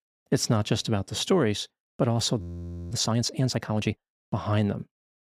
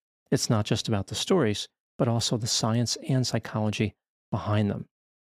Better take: second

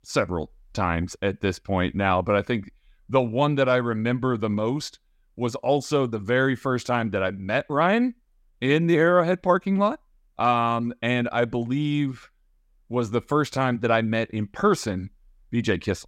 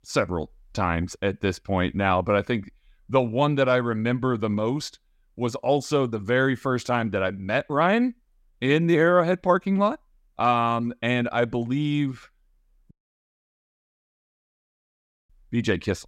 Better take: first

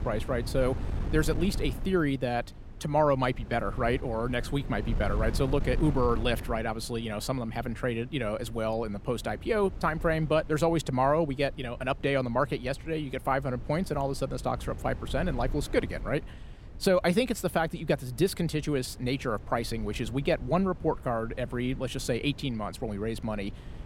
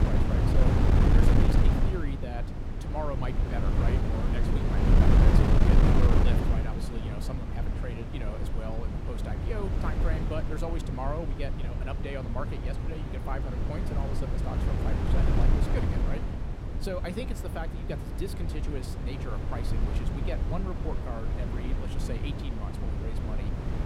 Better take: first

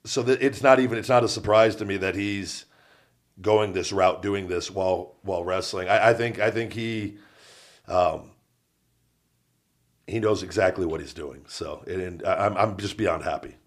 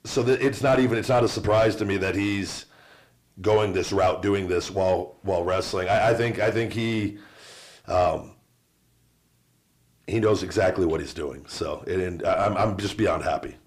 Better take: first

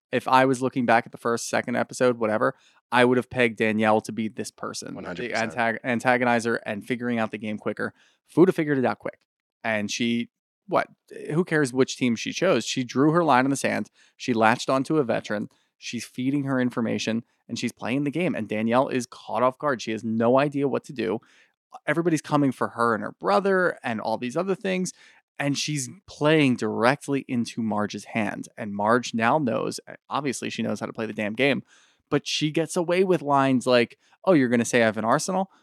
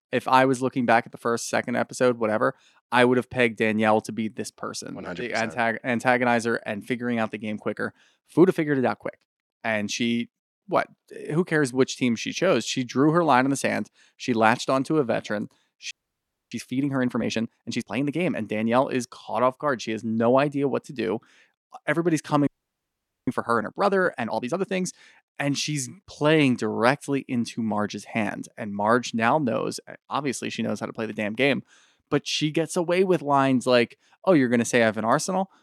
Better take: first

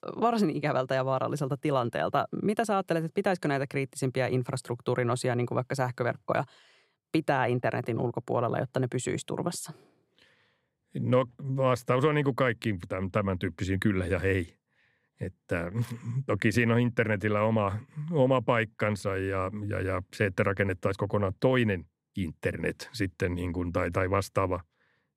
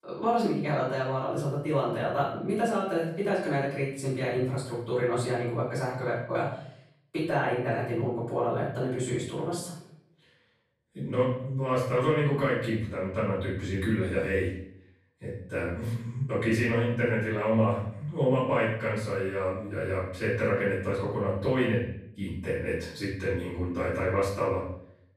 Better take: first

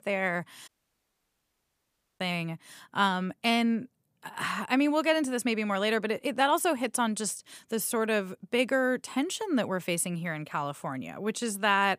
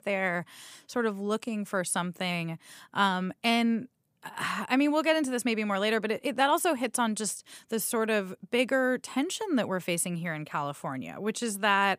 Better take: second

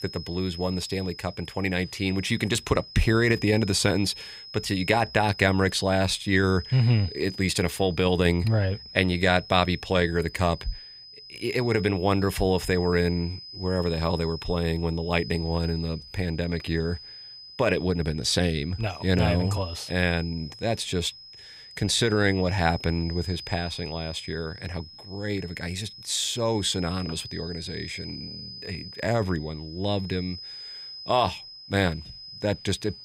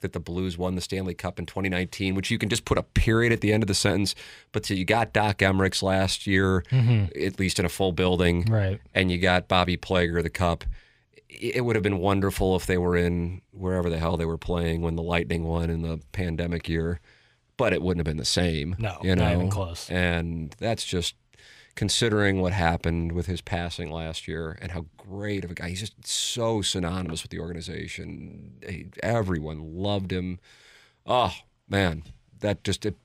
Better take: second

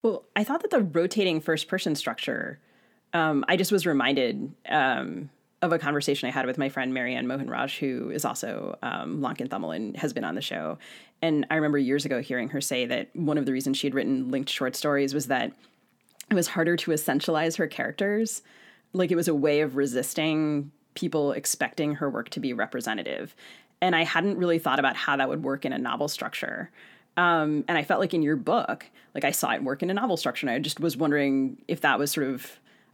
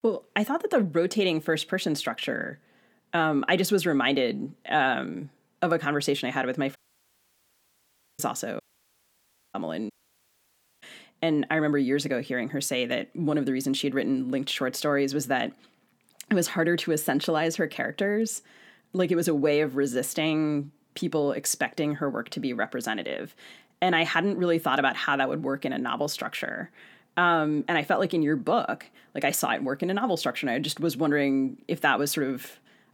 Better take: first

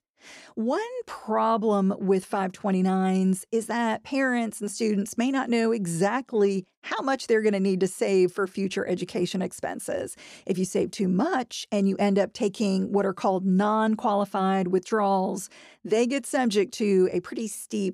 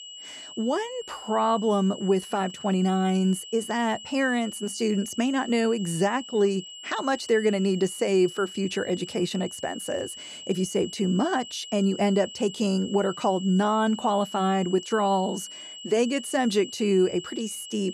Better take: first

